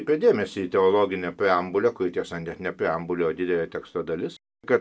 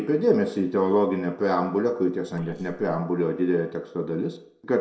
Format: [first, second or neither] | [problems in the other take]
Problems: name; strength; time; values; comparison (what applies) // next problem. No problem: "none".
first | noise reduction (neural separator model SepFormer DNS4)